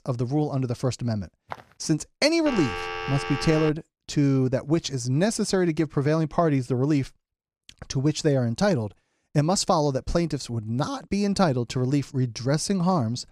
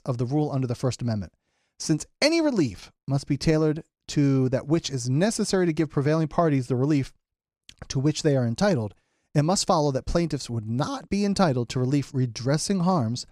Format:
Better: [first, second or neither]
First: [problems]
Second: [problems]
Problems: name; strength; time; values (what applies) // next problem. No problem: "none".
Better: second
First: footsteps; faint; at 1.5 s; peak 15 dB below the speech // phone ringing; noticeable; from 2.5 to 4 s; peak 6 dB below the speech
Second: none